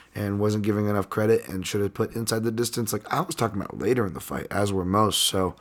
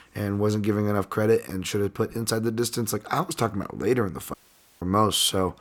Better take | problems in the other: first | audio cutting out; at 4.5 s

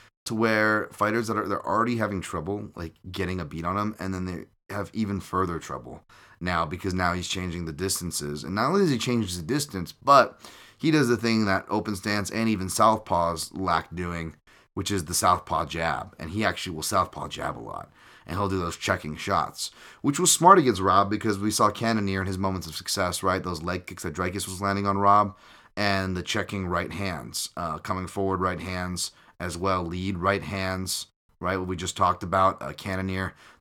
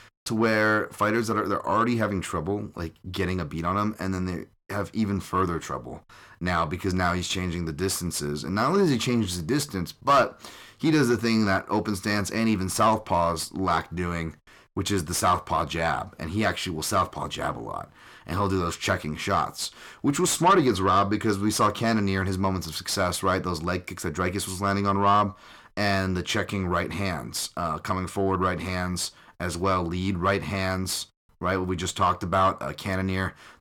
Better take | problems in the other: first | distortion; slight; 10 dB below the speech

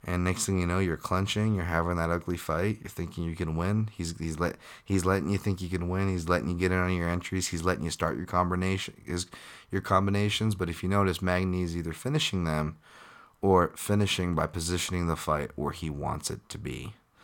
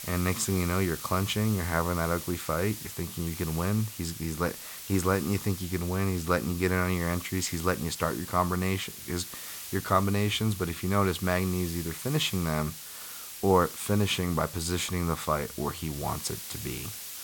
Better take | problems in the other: first | hiss; loud; throughout; 10 dB below the speech

